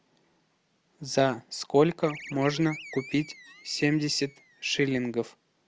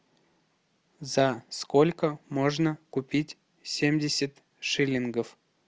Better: second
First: background sound (Animal); 17 dB below the speech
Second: none

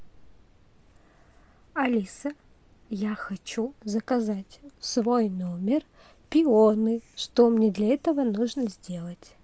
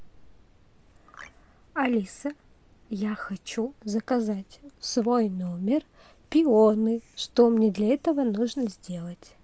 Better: first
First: none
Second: background sound (Marimba, xylophone); 20 dB below the speech

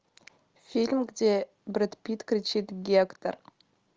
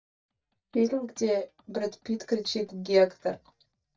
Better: first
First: none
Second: noise reduction (neural mask model DeepFilterNet 3)

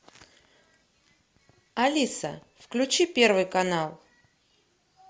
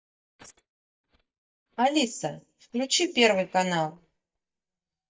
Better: first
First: none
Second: noise reduction (neural mask model DeepFilterNet 3)

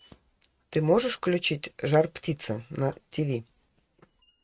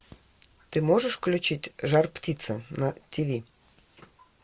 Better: second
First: noise reduction (neural mask model RNNoise)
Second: none

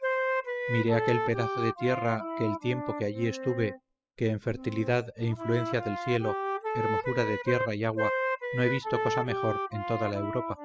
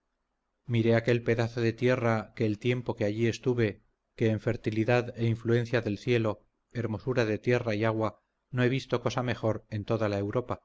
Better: second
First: noise reduction (classical method spectral subtraction)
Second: none

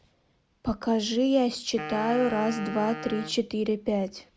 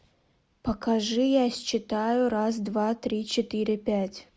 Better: second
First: background sound (Wind instrument, woodwind instrument); 11 dB below the speech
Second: none

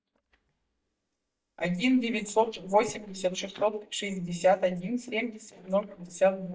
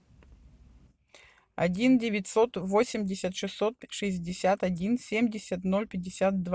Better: second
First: noise reduction (neural mask model DeepFilterNet 3)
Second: none

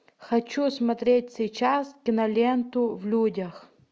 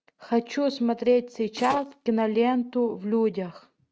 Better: first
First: none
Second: noise reduction (neural mask model RNNoise)

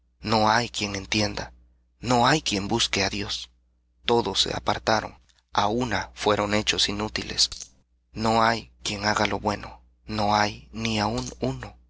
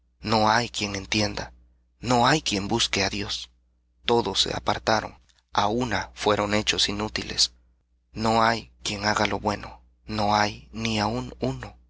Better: second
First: background sound (Coin (dropping)); 15 dB below the speech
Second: none

